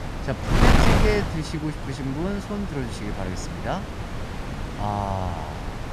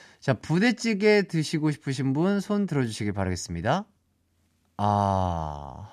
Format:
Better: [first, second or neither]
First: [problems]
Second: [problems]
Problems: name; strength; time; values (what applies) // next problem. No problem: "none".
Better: second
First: wind noise on the microphone; heavy; 1 dB above the speech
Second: none